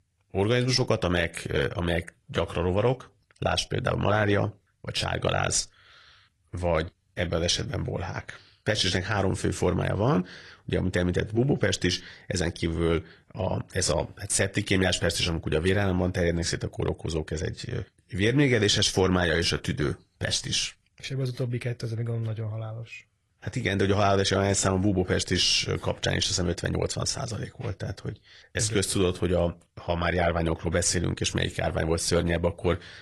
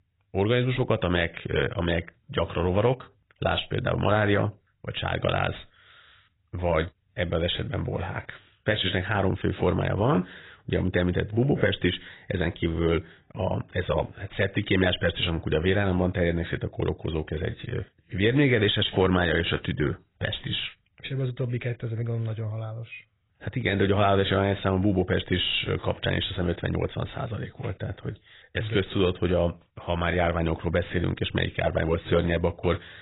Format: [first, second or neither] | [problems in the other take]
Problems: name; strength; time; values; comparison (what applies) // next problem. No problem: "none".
first | garbled, watery; badly; nothing above 4 kHz; slightly in the first